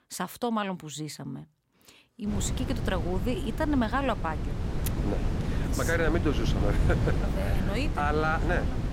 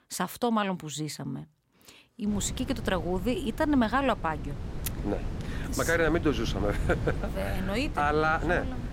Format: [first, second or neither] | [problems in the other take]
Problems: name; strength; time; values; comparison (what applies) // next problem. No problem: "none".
second | wind noise on the microphone; heavy; from 2.5 s on; 8 dB below the speech; occasional gusts in the second